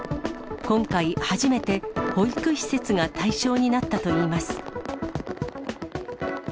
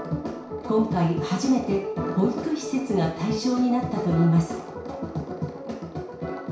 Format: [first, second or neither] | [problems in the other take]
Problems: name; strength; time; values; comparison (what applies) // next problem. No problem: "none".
first | room echo; dies away in 0.6 s